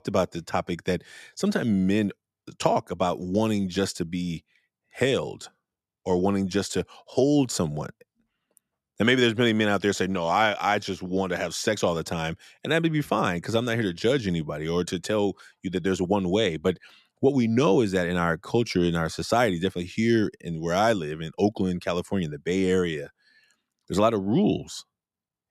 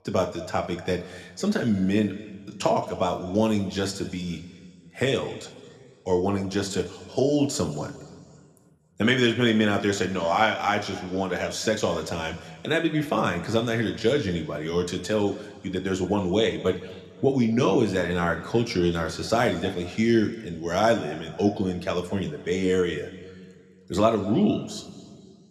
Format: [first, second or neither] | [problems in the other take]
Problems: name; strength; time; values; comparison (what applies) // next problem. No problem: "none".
first | room echo; very slight; dies away in 1.6 s